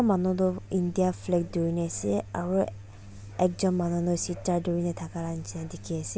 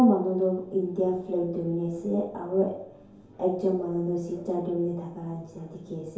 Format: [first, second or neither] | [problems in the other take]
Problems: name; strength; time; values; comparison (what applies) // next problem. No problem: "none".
first | room echo; dies away in 2.4 s